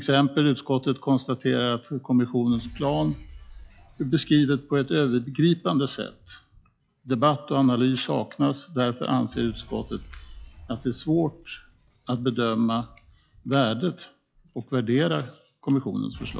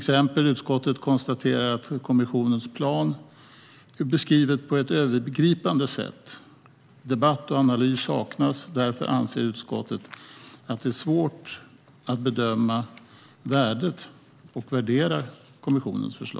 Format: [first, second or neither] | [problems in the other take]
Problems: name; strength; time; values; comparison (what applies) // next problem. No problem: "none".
second | noise reduction (classical method log-MMSE)